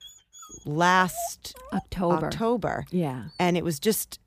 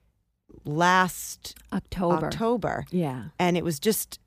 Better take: second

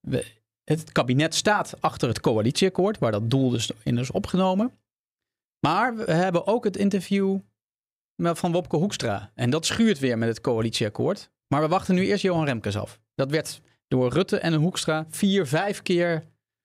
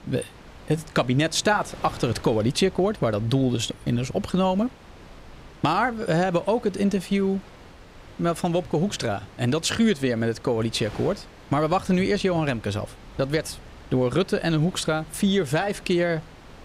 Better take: first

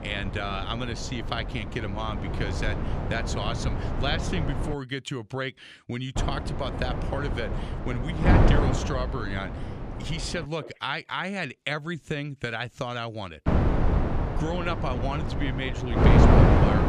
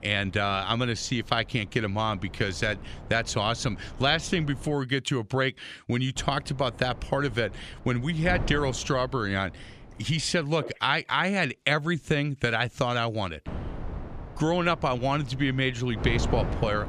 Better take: second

